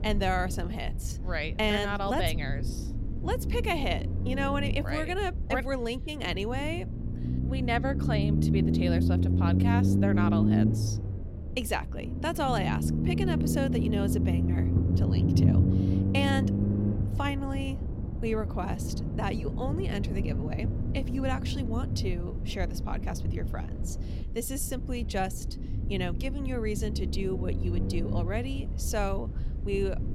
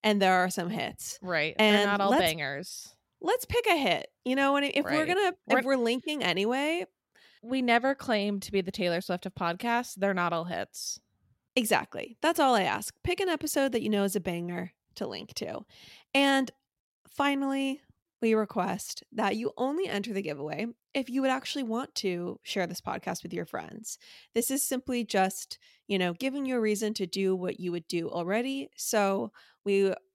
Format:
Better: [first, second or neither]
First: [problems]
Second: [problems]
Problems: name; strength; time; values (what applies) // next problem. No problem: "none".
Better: second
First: low rumble; loud; throughout; 5 dB below the speech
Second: none